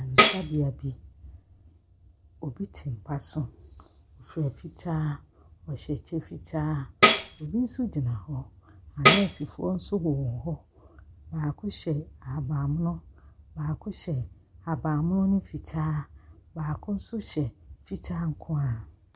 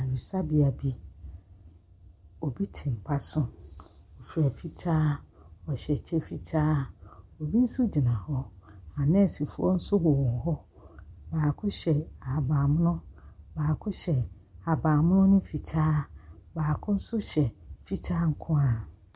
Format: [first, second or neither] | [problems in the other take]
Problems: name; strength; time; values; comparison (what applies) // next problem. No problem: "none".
second | background sound (Tambourine); 5 dB above the speech